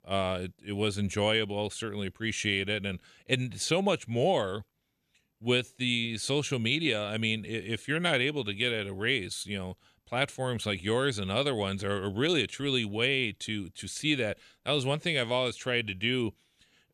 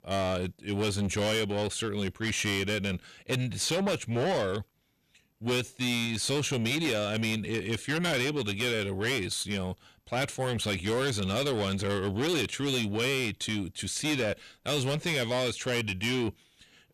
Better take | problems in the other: first | distortion; heavy; 7 dB below the speech

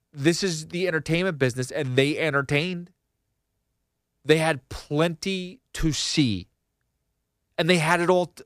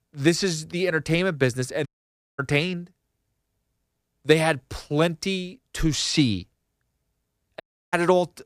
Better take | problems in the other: first | audio cutting out; at 2 s for 0.5 s and at 7.5 s

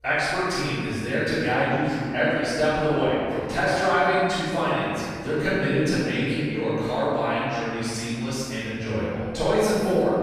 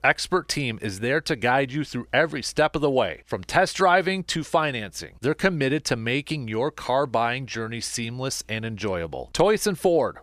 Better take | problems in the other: second | room echo; strong; dies away in 2.4 s // off-mic speech; far

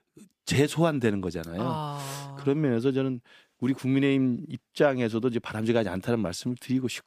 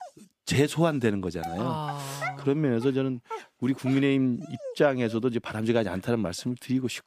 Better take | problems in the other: first | dog barking; noticeable; until 6.5 s; peak 8 dB below the speech

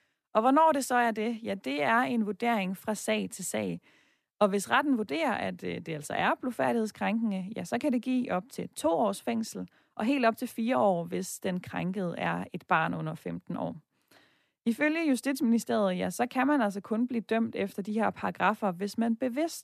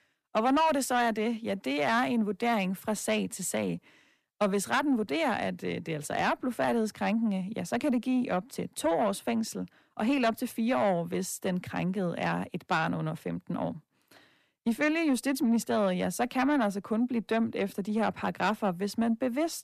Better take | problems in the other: first | distortion; slight; 10 dB below the speech

